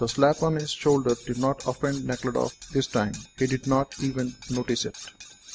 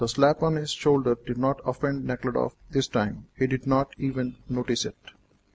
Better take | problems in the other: second | background sound (Cutlery, silverware); 18 dB below the speech

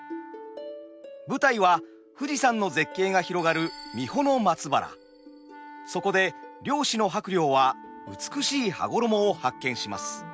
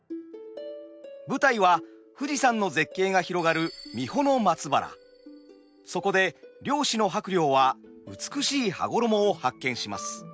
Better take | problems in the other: second | background sound (Wind instrument, woodwind instrument); 20 dB below the speech

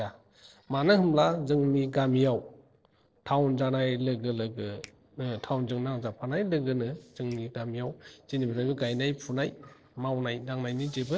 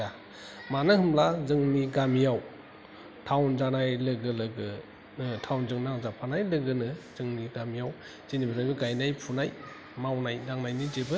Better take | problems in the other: second | noise reduction (neural separator model SepFormer DNS4)

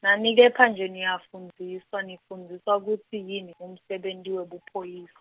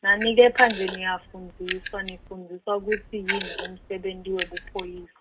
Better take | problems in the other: first | background sound (Camera); 10 dB below the speech // room echo; dies away in 0.3 s

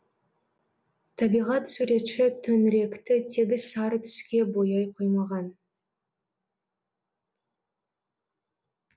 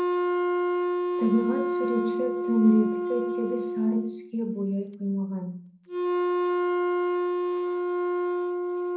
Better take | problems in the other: first | background sound (Wind instrument, woodwind instrument); 2 dB above the speech // room echo; dies away in 0.6 s

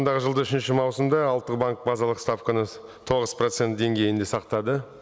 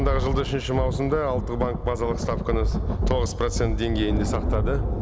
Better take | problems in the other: first | background sound (Thunder); 1 dB above the speech

